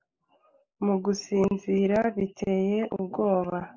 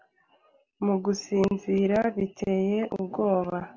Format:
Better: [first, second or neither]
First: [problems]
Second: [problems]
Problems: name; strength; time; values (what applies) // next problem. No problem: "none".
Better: second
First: noise reduction (neural mask model Resemble Enhance denoiser)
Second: none